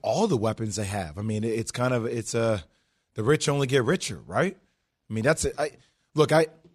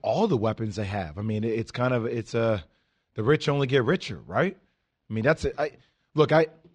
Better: first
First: none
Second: muffled; slightly; fading above 4 kHz

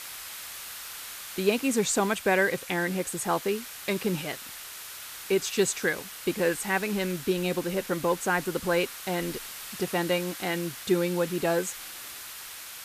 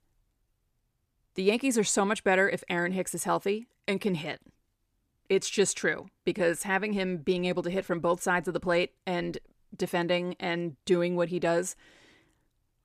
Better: second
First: hiss; noticeable; throughout; 10 dB below the speech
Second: none

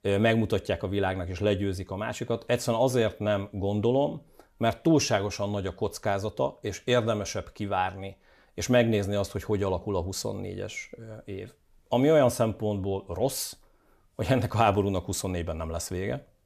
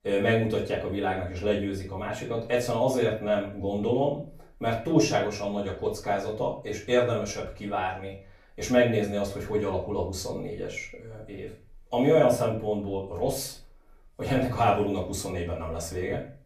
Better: first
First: none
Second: off-mic speech; far // room echo; slight; dies away in 0.3 s

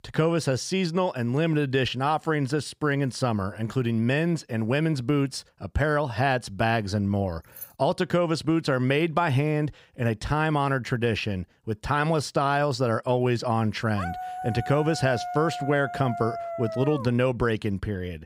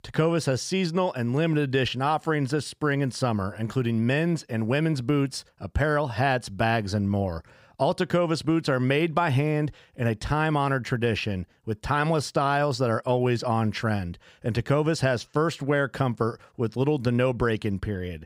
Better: second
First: jangling keys; faint; at 7.5 s; peak 15 dB below the speech // dog barking; noticeable; from 14 to 17 s; peak 8 dB below the speech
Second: none

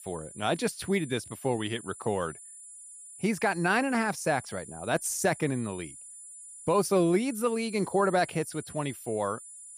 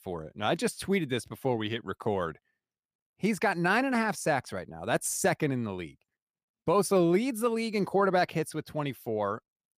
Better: second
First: high-pitched whine; noticeable; throughout; 10 kHz, 15 dB below the speech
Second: none

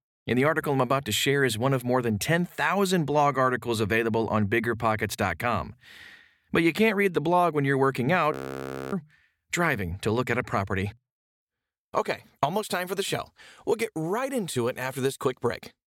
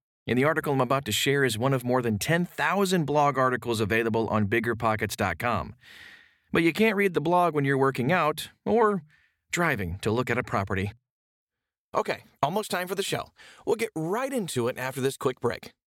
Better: second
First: audio freezing; at 8.5 s for 0.5 s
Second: none

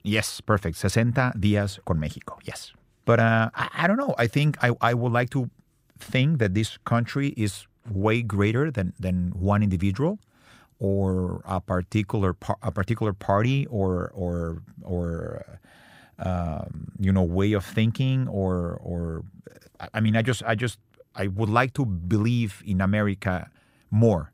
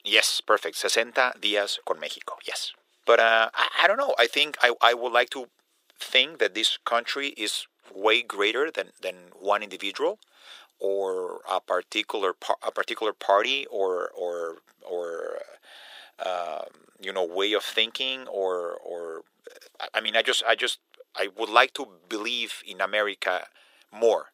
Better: first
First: none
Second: thin; very; fading below 400 Hz

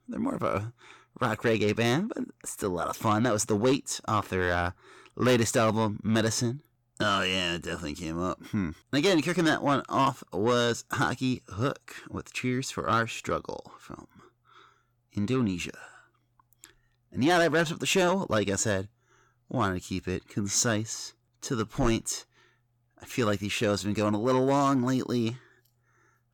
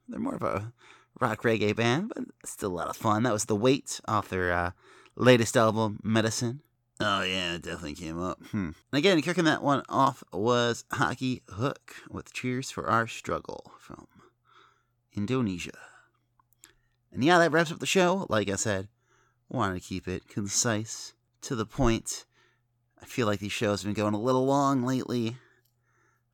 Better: second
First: distortion; slight; 10 dB below the speech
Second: none

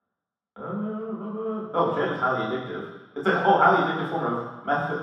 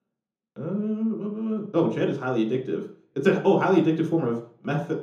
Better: second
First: room echo; strong; dies away in 1.2 s // off-mic speech; far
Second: room echo; slight; dies away in 0.6 s // off-mic speech; far

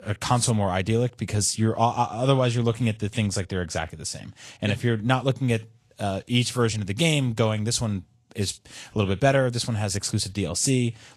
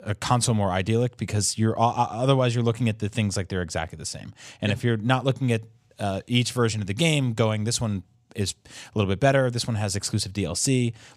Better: second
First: garbled, watery; slightly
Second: none

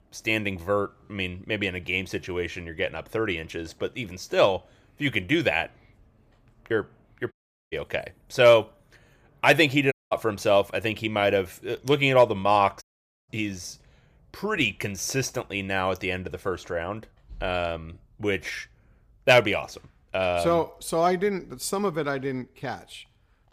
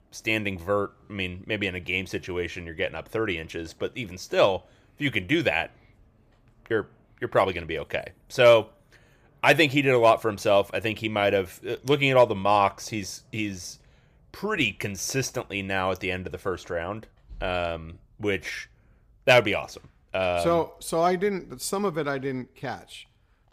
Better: second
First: audio cutting out; at 7.5 s, at 10 s and at 13 s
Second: none

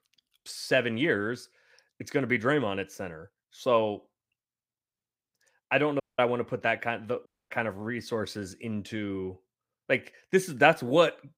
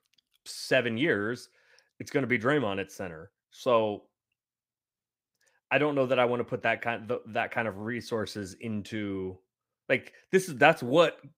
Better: second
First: audio cutting out; at 6 s and at 7.5 s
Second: none

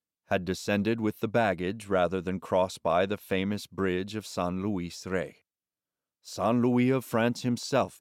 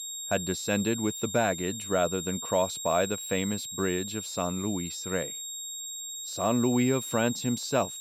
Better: first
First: none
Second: high-pitched whine; loud; throughout; 7.5 kHz, 6 dB below the speech

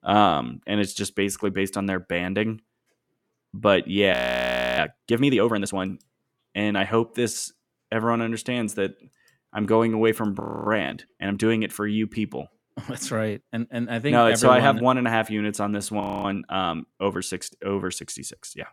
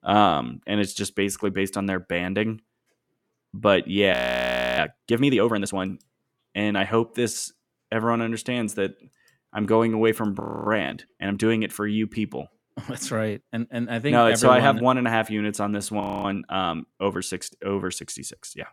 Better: neither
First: audio freezing; at 4 s for 0.5 s, at 10 s and at 16 s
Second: audio freezing; at 4 s for 0.5 s, at 10 s and at 16 s

